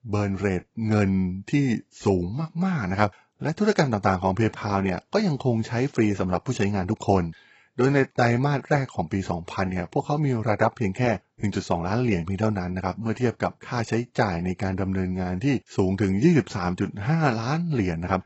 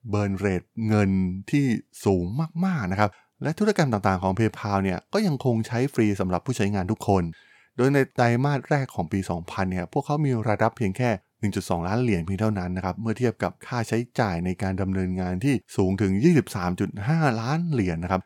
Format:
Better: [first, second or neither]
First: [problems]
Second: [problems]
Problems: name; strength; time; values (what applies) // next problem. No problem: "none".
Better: second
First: garbled, watery; badly; nothing above 8 kHz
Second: none